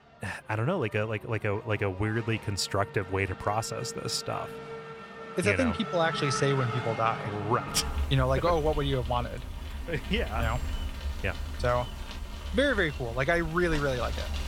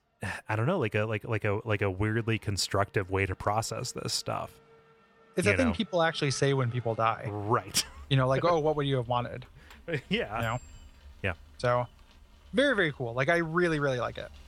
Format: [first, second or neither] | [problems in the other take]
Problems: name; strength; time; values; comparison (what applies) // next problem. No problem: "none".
second | traffic noise; loud; throughout; 8 dB below the speech; faint in the second